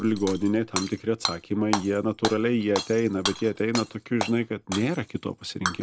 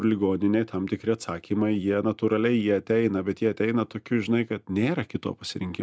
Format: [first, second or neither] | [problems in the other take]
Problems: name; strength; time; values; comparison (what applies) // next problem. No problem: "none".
second | background sound (Shatter / Hammer); 8 dB below the speech